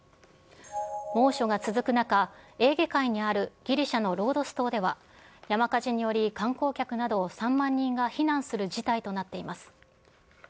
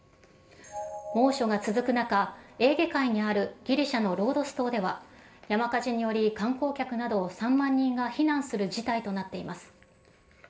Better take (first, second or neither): first